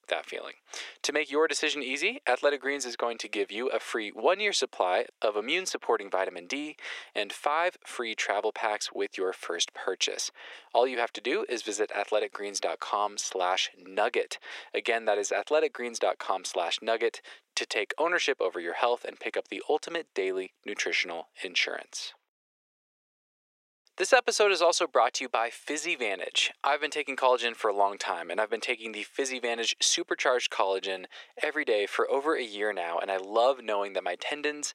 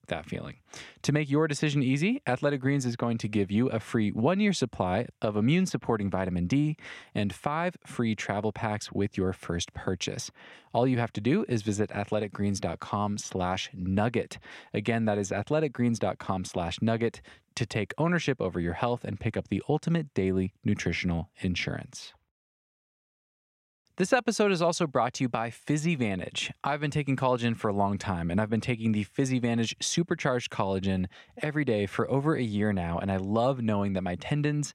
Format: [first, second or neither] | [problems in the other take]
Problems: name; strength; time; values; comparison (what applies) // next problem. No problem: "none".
second | thin; very; fading below 400 Hz